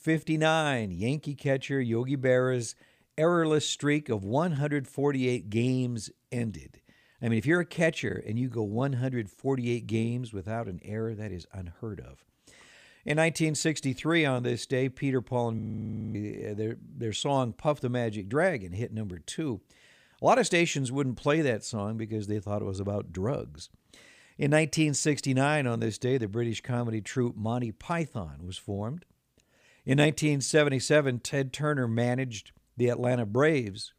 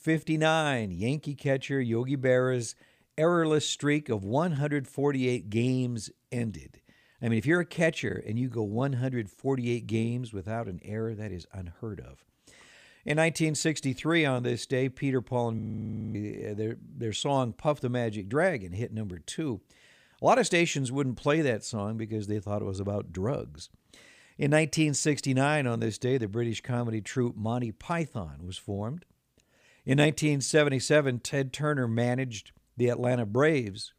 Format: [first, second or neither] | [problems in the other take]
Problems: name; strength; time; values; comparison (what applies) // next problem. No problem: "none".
neither | audio freezing; at 16 s for 0.5 s; the same in both